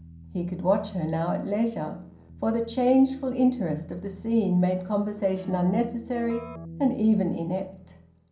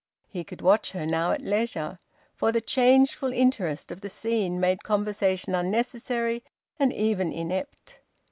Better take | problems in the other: second | background sound (Keyboard (musical)); 18 dB below the speech // room echo; dies away in 0.6 s

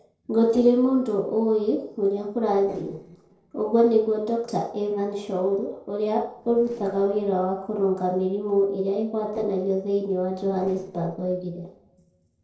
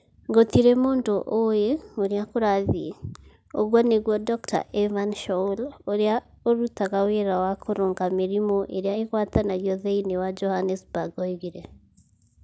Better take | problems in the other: second | noise reduction (neural separator model SepFormer DNS4)

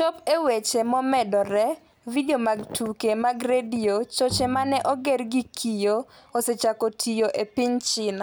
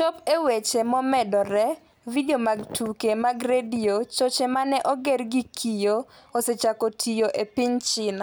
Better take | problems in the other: second | background sound (Bowed string instrument); 15 dB below the speech

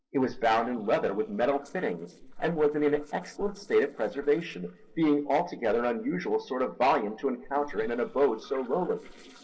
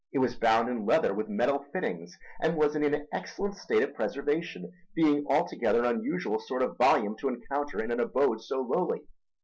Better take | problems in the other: second | noise reduction (neural separator model SepFormer DNS4)

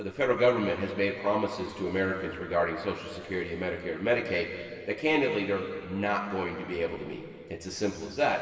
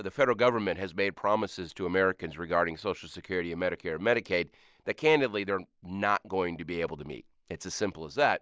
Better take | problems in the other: second | room echo; dies away in 2.5 s

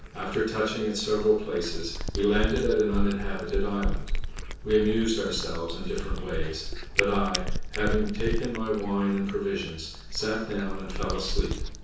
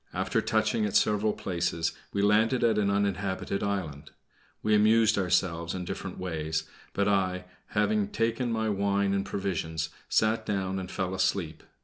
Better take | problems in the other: second | background sound (Cat); 2 dB below the speech // room echo; dies away in 0.6 s

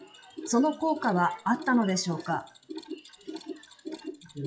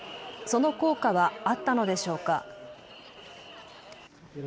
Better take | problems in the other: second | noise reduction (classical method WPE with log-MMSE)

